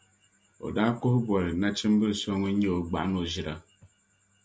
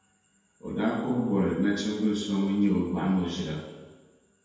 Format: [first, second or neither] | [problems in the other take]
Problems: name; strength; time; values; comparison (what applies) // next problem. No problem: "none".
first | room echo; dies away in 1.1 s